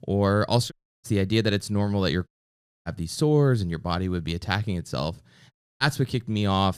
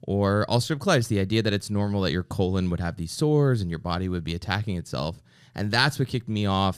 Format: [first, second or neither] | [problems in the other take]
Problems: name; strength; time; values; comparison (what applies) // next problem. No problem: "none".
second | audio cutting out; at 0.5 s, at 2.5 s for 0.5 s and at 5.5 s